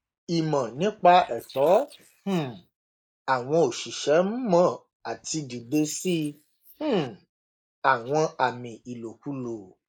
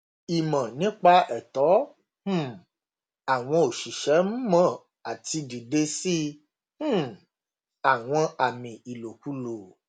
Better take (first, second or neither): second